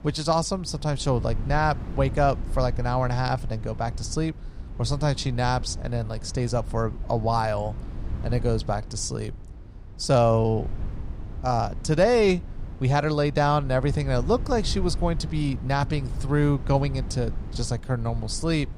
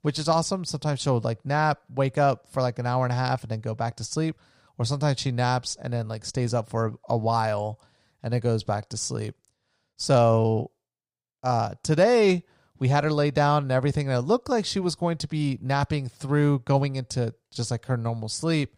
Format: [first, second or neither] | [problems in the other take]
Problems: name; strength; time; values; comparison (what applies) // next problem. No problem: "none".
second | low rumble; faint; throughout; 20 dB below the speech